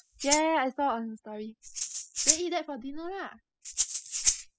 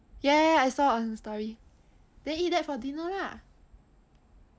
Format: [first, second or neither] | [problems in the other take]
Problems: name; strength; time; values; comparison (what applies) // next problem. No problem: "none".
second | noise reduction (classical method spectral subtraction)